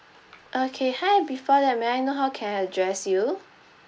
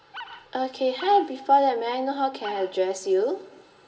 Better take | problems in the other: first | background sound (Animal); 18 dB below the speech // room echo; dies away in 2.4 s

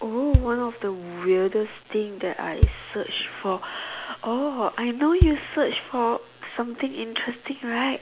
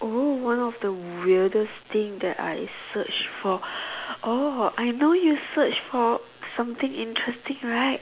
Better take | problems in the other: second | background sound (Bass drum); 2 dB below the speech

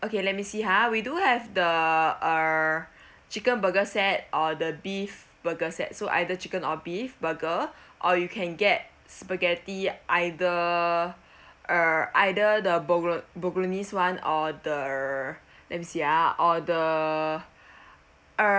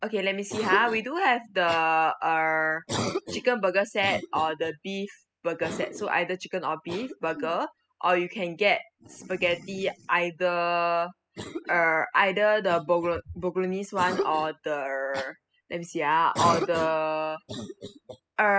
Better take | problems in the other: first | noise reduction (classical method spectral subtraction)

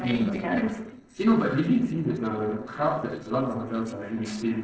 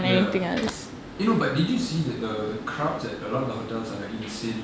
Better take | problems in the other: second | noise reduction (neural separator model SepFormer DNS4)

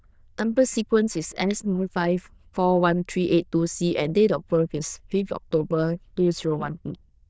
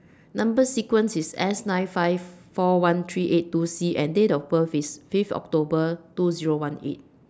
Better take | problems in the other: second | noise reduction (neural diffusion model UNIVERSE++)

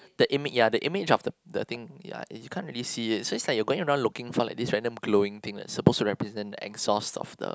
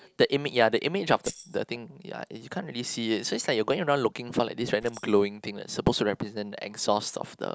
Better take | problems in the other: first | noise reduction (neural separator model SepFormer DNS4)

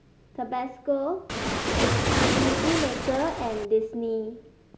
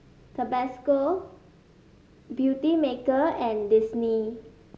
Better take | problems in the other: second | background sound (Waves, surf); 4 dB above the speech

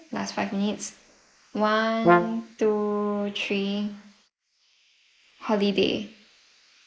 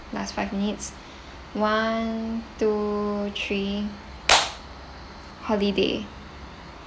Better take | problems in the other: second | noise reduction (neural mask model Resemble Enhance denoiser)

